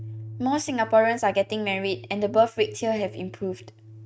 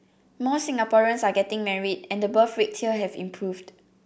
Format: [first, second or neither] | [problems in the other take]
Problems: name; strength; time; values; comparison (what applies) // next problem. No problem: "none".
second | noise reduction (neural mask model RNNoise)